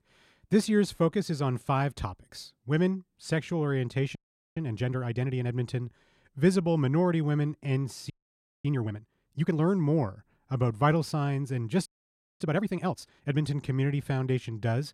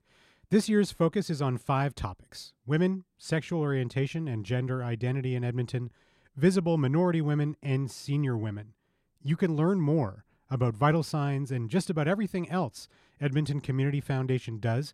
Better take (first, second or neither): second